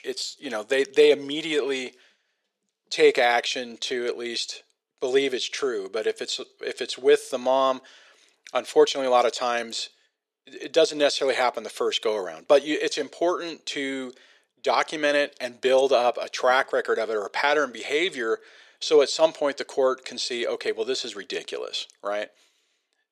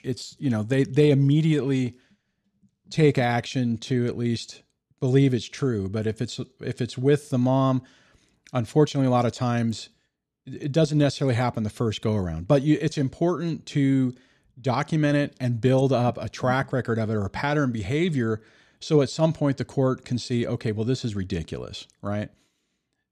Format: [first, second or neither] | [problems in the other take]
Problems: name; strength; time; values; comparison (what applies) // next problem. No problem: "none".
second | thin; very; fading below 450 Hz